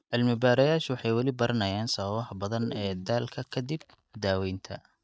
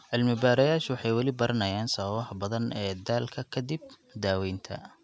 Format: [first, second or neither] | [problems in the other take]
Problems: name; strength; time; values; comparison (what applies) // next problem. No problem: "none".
second | noise reduction (neural mask model DeepFilterNet 3)